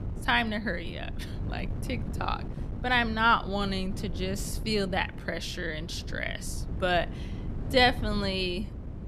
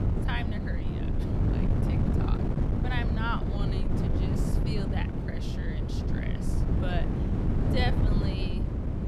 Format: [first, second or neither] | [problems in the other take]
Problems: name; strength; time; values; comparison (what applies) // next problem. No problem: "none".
first | wind noise on the microphone; heavy; as loud as the speech; occasional gusts in the first